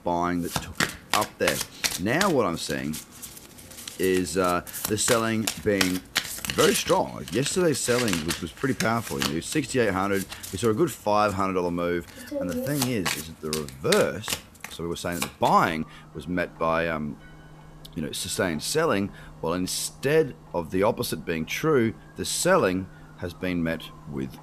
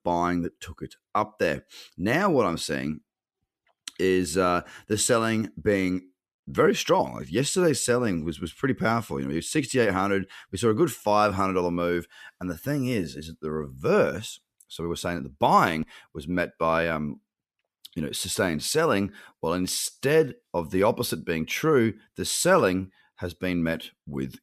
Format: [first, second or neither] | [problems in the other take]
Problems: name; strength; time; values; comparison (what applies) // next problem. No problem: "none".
second | household noises; loud; throughout; 5 dB below the speech